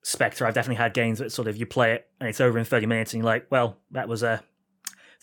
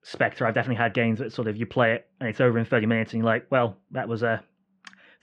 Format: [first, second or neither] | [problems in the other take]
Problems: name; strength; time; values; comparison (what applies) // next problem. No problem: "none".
first | muffled; slightly; fading above 3.5 kHz